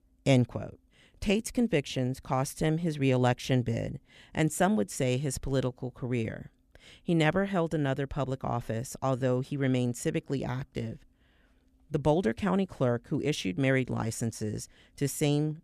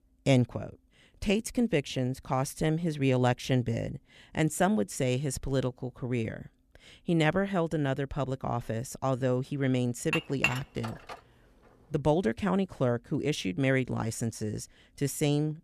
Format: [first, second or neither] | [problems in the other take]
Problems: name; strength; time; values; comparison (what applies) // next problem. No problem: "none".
first | clattering dishes; loud; from 10 to 11 s; peak 1 dB above the speech